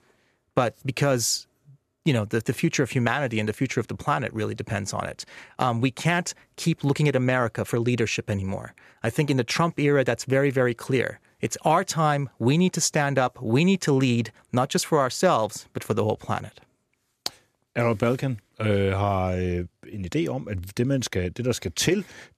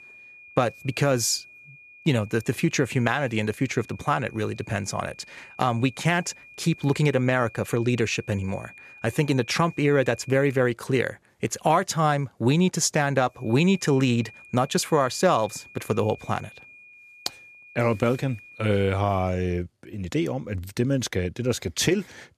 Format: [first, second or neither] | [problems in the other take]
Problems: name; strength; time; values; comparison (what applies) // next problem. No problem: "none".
first | high-pitched whine; faint; until 11 s and from 13 to 19 s; 2.5 kHz, 20 dB below the speech